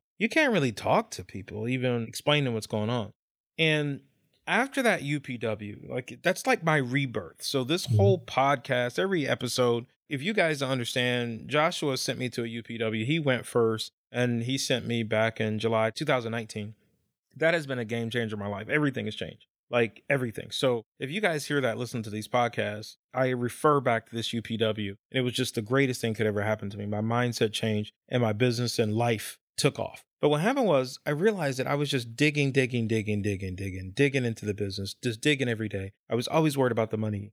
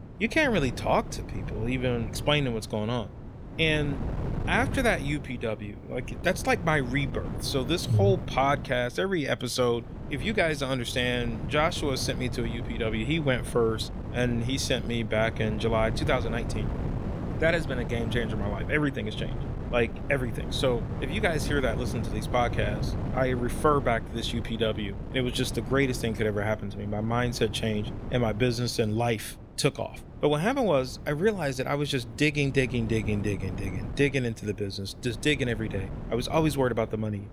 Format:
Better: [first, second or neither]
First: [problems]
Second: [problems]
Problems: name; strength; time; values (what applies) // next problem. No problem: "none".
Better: first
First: none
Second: wind noise on the microphone; occasional gusts; 15 dB below the speech